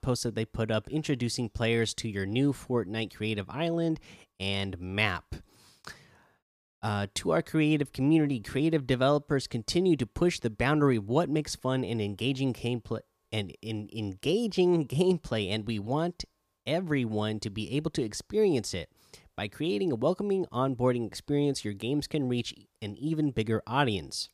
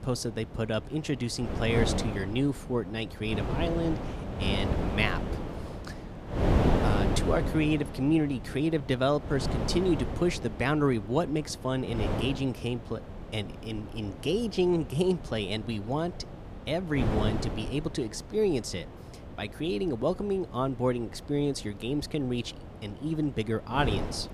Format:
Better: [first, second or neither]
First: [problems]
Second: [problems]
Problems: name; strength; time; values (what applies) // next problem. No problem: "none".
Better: first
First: none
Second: wind noise on the microphone; heavy; 6 dB below the speech